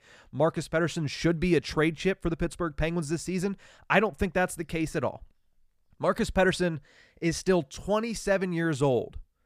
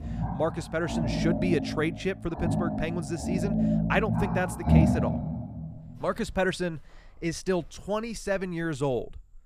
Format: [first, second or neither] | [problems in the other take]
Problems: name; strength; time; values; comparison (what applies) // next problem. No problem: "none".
first | animal sounds; very loud; throughout; 2 dB above the speech